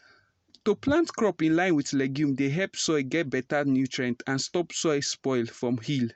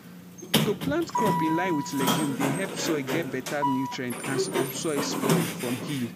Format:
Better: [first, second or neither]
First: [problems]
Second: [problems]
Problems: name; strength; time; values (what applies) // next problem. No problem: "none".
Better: first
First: none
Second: background sound (Sliding door); 1 dB above the speech